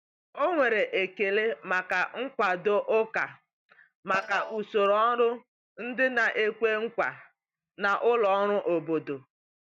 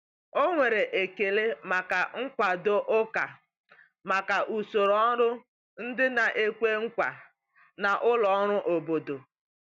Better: second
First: noise reduction (neural mask model DeepFilterNet 3)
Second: none

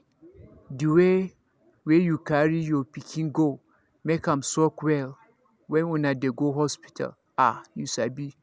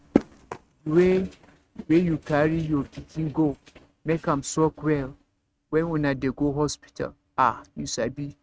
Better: first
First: none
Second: noise reduction (neural mask model RNNoise)

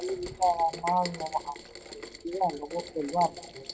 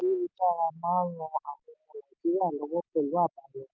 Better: second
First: background sound (Rain); 12 dB below the speech // room echo; dies away in 0.9 s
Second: none

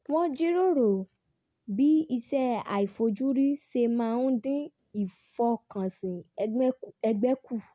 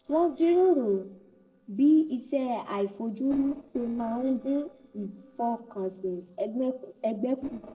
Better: first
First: none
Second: noise reduction (neural separator model SepFormer DNS4)

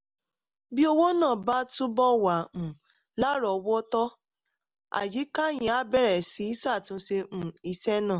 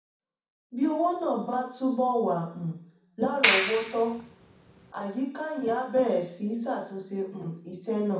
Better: first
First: none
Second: background sound (Clapping); 1 dB above the speech // room echo; dies away in 0.6 s

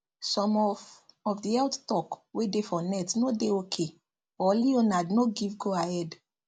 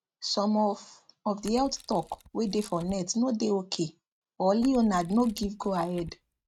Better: first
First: none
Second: noise reduction (neural mask model RNNoise)

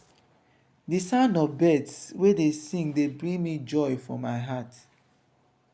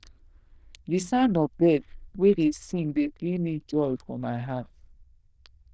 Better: first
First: none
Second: noise reduction (neural diffusion model UNIVERSE++)

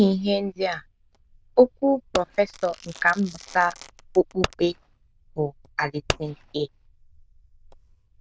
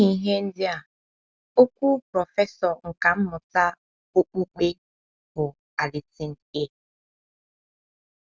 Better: second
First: noise reduction (neural diffusion model UNIVERSE++)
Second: none

